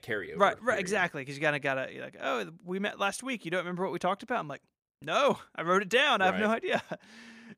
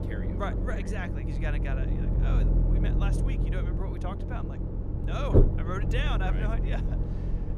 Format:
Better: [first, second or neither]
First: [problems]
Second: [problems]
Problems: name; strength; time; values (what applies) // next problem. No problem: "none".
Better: first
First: none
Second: low rumble; loud; throughout; 1 dB below the speech